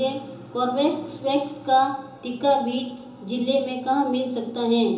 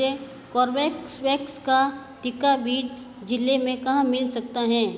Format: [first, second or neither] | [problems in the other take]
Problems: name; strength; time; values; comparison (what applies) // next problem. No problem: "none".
second | room echo; dies away in 0.6 s